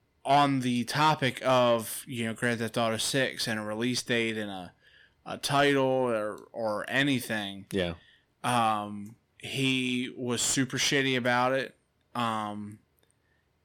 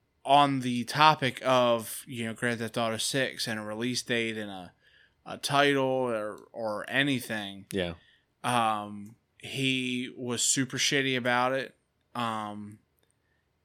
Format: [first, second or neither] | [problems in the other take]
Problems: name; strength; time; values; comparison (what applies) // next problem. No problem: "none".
second | distortion; slight; 10 dB below the speech